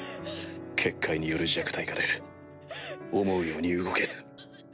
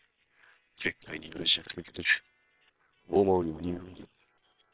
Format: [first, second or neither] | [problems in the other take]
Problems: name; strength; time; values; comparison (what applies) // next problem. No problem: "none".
first | noise reduction (neural separator model SepFormer WHAM!)